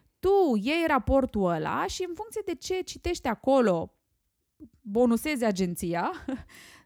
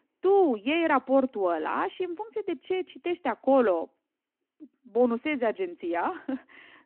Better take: first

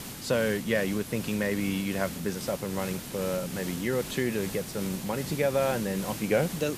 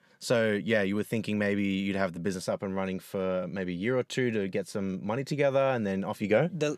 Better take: second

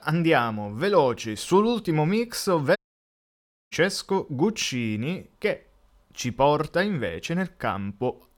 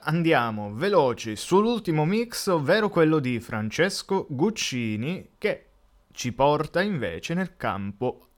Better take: second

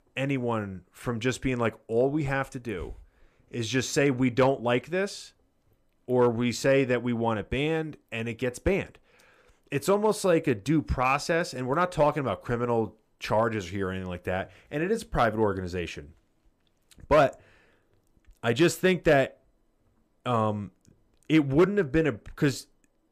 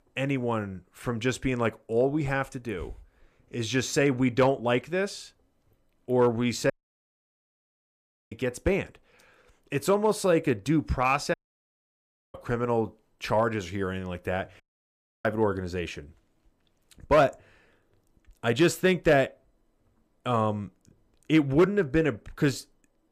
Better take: first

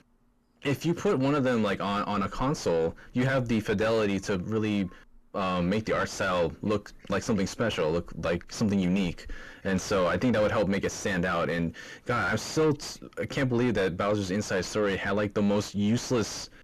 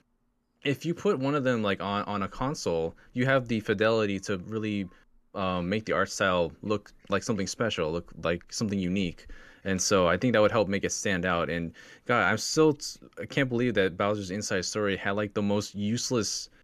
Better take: second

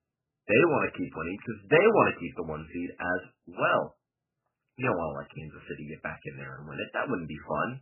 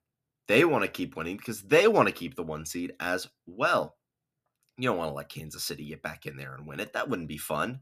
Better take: second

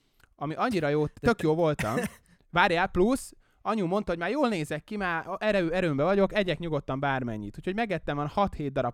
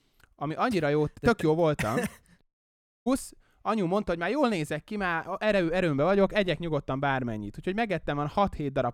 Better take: first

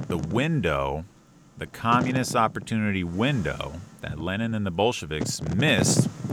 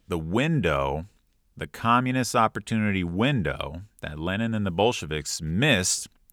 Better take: second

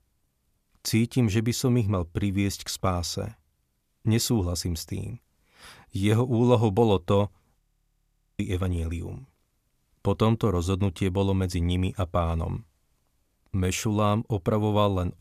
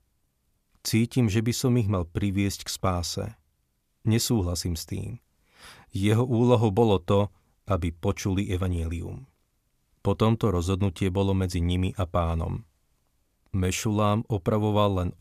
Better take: second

